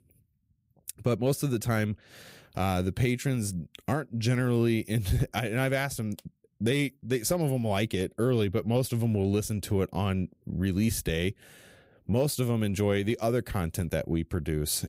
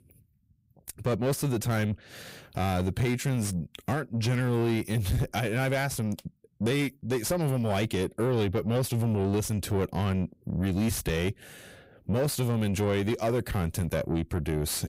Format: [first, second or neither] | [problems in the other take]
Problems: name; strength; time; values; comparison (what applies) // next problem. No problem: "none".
first | distortion; slight; 10 dB below the speech